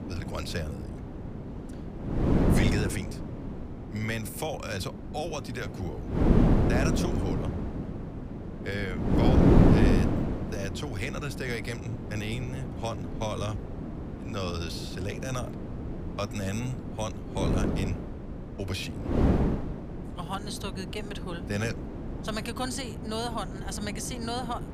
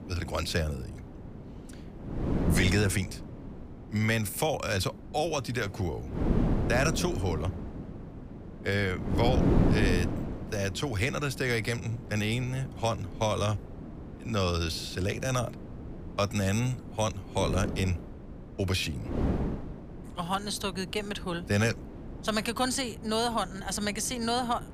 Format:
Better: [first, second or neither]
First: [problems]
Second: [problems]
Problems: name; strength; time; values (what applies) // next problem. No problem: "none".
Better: second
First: wind noise on the microphone; heavy; as loud as the speech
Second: wind noise on the microphone; occasional gusts; 10 dB below the speech